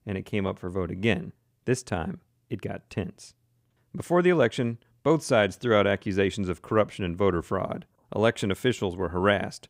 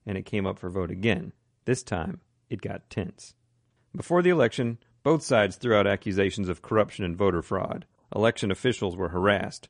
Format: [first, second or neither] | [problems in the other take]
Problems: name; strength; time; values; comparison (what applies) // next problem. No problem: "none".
first | garbled, watery; slightly; nothing above 10 kHz